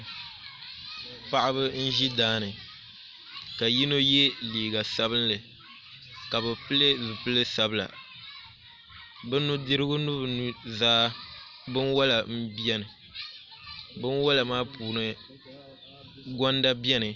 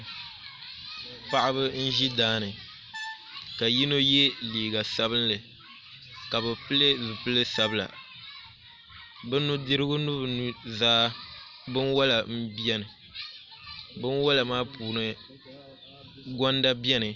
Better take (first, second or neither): first